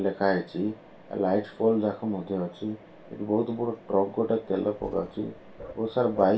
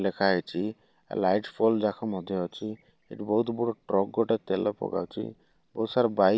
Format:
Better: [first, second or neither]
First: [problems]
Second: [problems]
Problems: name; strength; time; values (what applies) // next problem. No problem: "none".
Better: second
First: background sound (Mechanisms); 18 dB below the speech // room echo; dies away in 0.3 s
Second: none